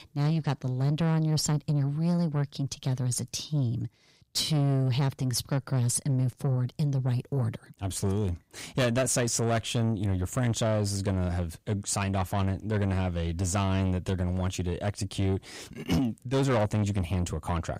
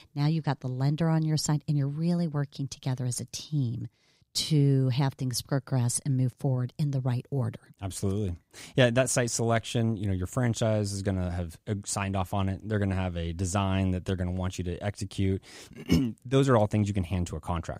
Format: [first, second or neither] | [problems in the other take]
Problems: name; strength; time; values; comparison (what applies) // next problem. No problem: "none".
second | distortion; slight; 10 dB below the speech